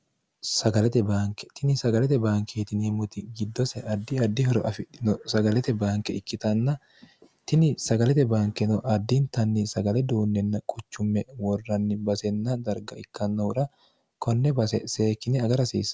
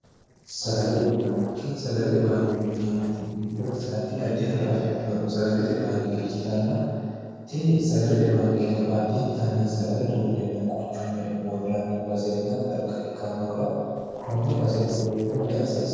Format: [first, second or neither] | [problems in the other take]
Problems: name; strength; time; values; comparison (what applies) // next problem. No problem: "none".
first | noise reduction (neural separator model SepFormer DNS4)